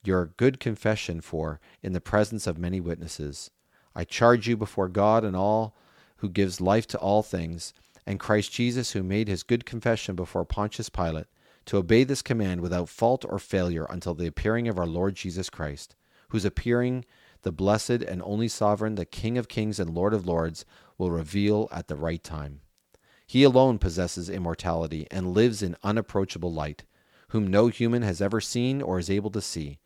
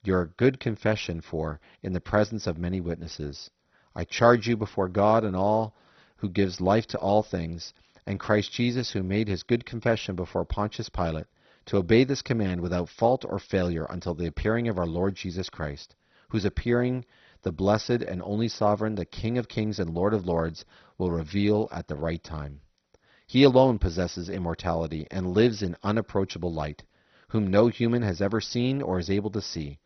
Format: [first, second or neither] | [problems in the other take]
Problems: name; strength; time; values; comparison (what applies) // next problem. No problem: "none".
first | garbled, watery; badly; nothing above 6 kHz